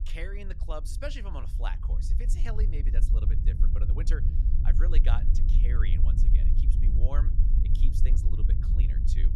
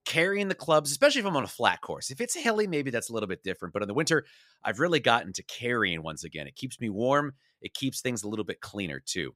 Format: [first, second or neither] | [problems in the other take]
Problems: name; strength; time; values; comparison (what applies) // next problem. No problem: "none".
second | low rumble; loud; throughout; 4 dB below the speech